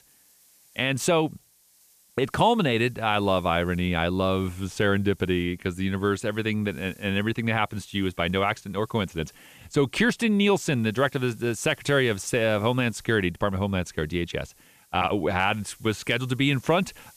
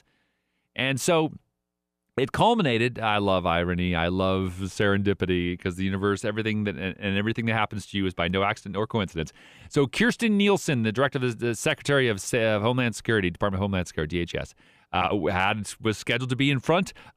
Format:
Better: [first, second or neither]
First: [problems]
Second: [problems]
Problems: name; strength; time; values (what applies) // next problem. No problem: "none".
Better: second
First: hiss; faint; throughout; 30 dB below the speech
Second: none